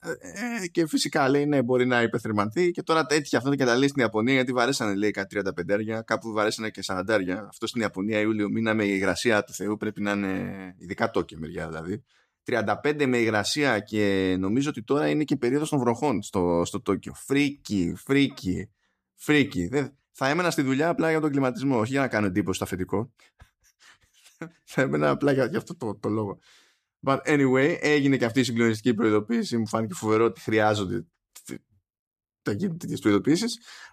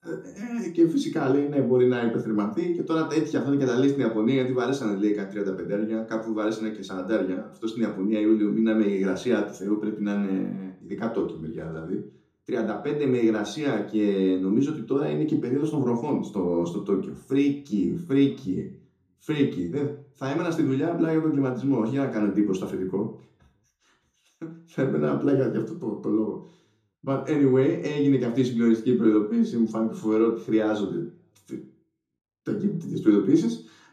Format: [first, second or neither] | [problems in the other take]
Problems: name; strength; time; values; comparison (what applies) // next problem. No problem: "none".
first | room echo; slight; dies away in 0.5 s // off-mic speech; far